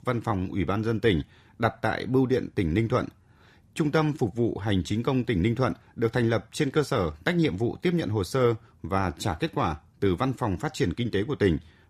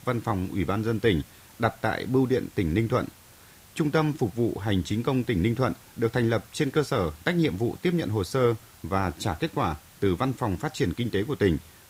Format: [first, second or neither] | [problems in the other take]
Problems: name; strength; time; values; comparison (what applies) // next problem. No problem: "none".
first | hiss; faint; throughout; 25 dB below the speech